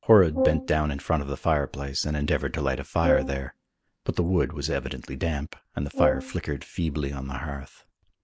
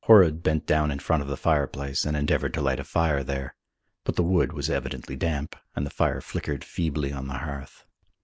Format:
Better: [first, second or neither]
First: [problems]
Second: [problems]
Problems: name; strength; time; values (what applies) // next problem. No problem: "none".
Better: second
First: background sound (Brass instrument); 6 dB below the speech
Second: none